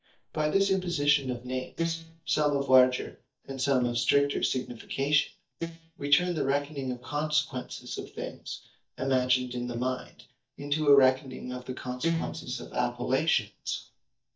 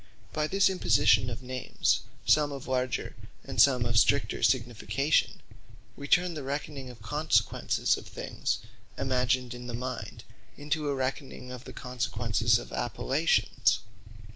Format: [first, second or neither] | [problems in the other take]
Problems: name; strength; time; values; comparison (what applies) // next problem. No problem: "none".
second | noise reduction (neural mask model DeepFilterNet 3)